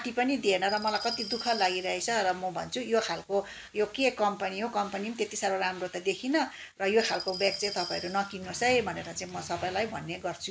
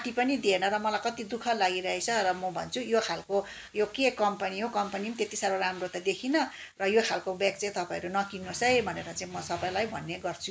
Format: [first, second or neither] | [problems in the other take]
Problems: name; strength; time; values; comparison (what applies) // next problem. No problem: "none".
second | background sound (Glass); 11 dB below the speech